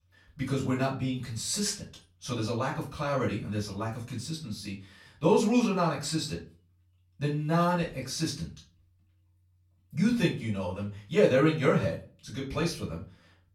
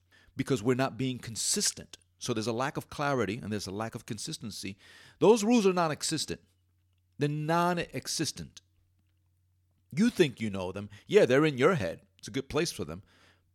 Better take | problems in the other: second | off-mic speech; far // room echo; slight; dies away in 0.3 s

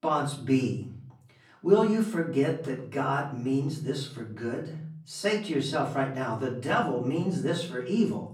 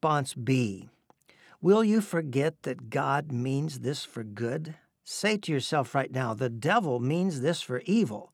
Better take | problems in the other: second | off-mic speech; far // room echo; slight; dies away in 0.5 s

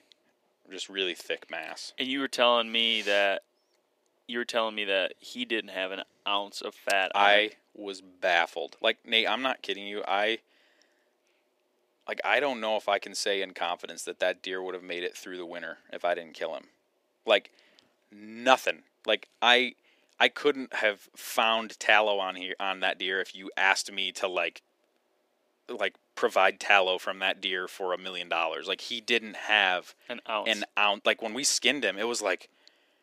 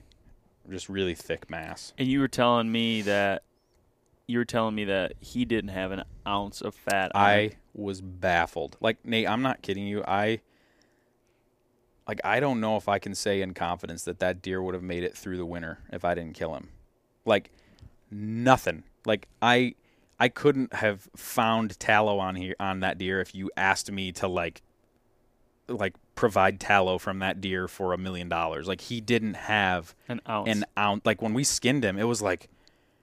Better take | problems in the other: second | thin; somewhat; fading below 300 Hz

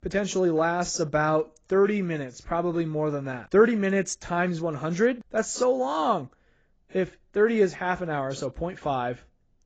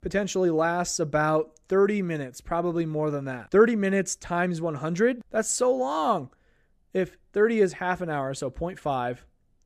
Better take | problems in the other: second | garbled, watery; badly; nothing above 7.5 kHz

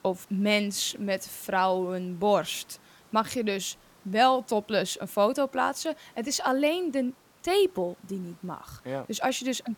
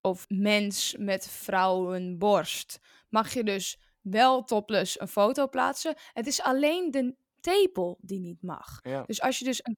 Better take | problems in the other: second | hiss; faint; throughout; 30 dB below the speech

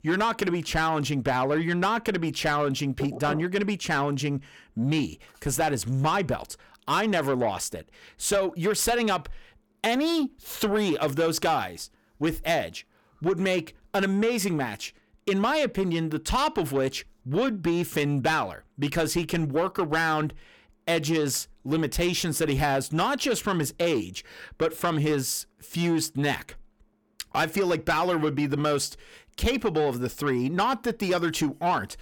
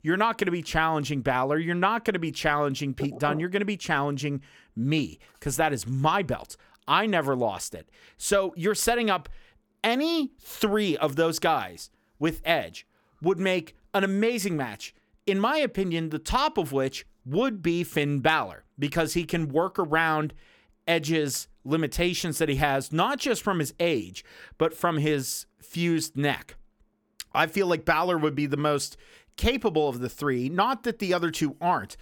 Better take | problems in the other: second | distortion; slight; 10 dB below the speech

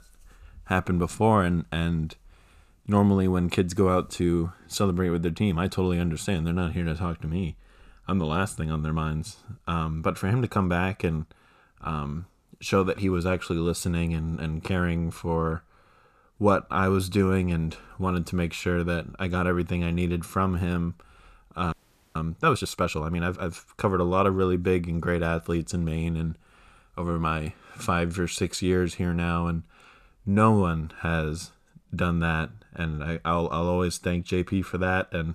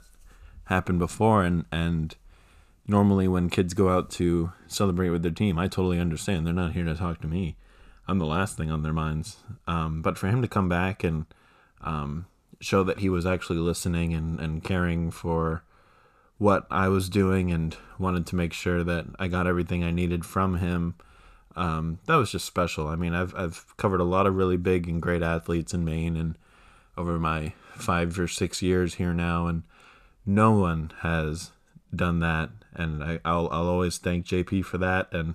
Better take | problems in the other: second | audio freezing; at 22 s

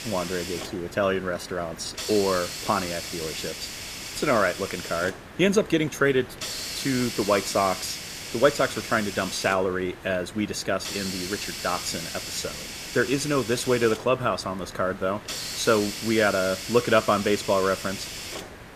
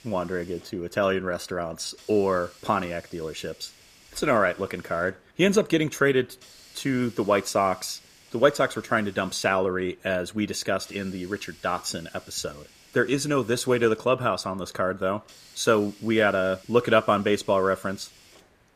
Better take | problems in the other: second | hiss; loud; throughout; 8 dB below the speech; faint in the second

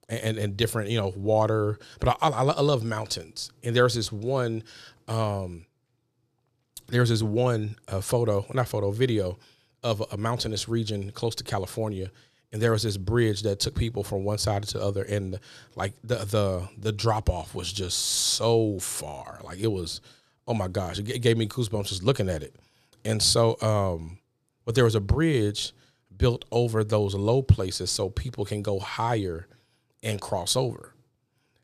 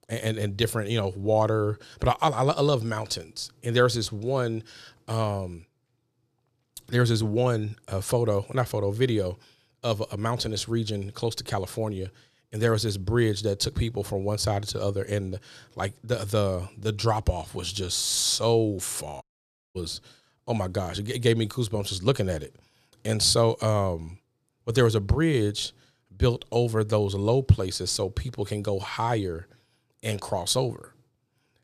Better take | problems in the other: first | audio cutting out; at 19 s for 0.5 s

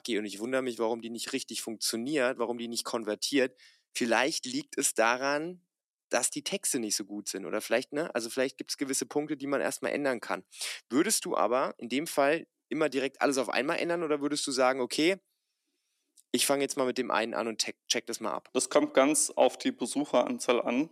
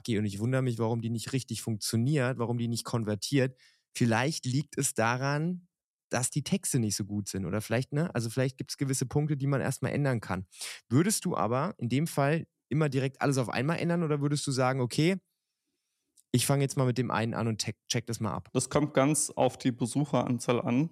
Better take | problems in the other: second | thin; somewhat; fading below 300 Hz

